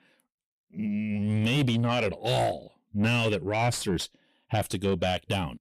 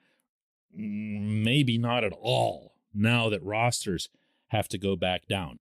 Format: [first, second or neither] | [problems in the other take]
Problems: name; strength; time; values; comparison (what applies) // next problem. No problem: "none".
second | distortion; slight; 10 dB below the speech